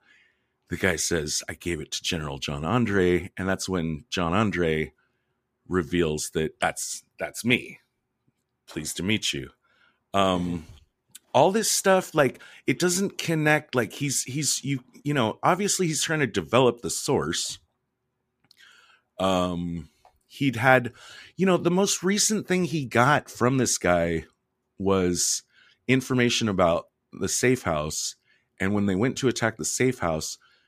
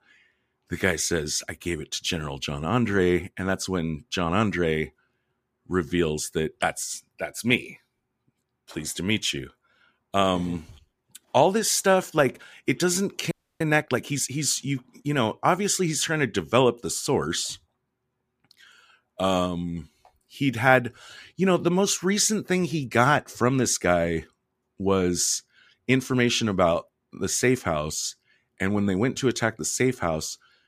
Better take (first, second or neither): first